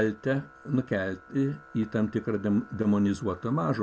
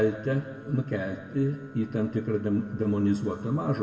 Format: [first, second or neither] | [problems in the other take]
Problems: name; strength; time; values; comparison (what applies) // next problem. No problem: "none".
first | room echo; dies away in 1.9 s